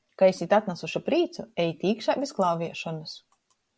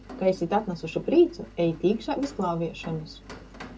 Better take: first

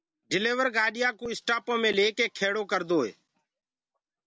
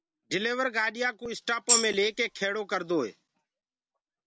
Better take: first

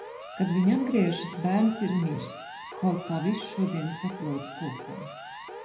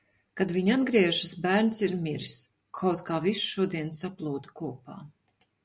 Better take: second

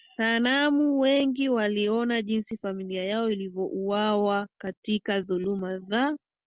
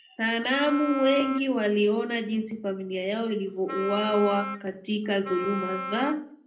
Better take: first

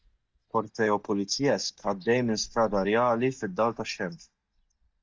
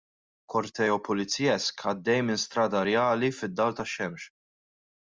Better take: second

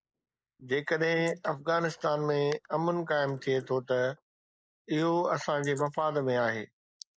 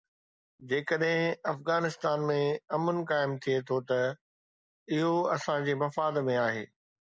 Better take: second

